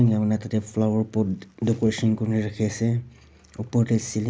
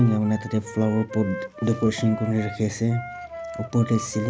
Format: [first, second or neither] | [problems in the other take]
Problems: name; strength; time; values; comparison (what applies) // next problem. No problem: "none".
first | background sound (Wind instrument, woodwind instrument); 12 dB below the speech